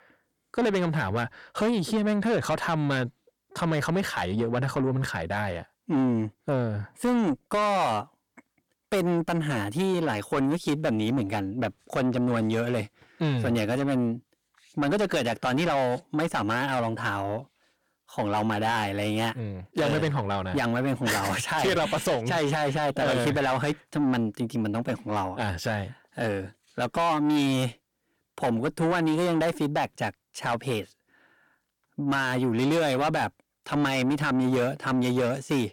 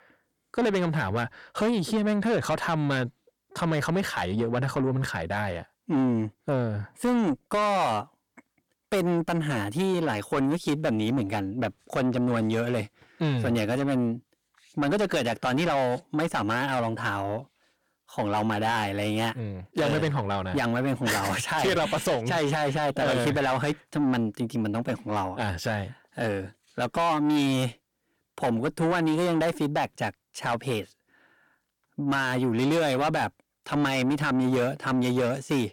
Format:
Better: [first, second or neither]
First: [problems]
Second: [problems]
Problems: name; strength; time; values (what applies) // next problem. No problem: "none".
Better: neither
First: distortion; heavy; 8 dB below the speech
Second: distortion; heavy; 8 dB below the speech